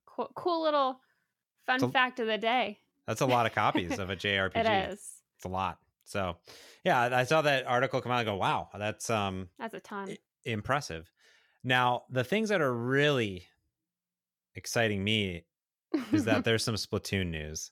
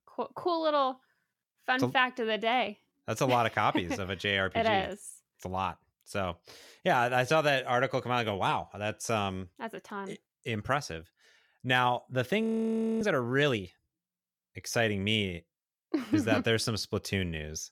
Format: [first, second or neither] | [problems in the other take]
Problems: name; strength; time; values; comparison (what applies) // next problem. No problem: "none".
first | audio freezing; at 12 s for 0.5 s